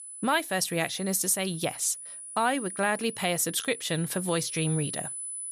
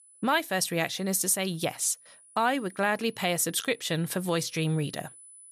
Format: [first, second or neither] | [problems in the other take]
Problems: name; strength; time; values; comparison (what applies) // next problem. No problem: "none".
second | high-pitched whine; loud; throughout; 10 kHz, 9 dB below the speech; faint in the second